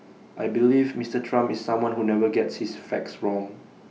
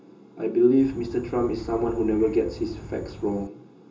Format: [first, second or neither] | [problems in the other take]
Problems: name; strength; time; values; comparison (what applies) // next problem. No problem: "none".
first | background sound (Insect); 14 dB below the speech // room echo; dies away in 0.2 s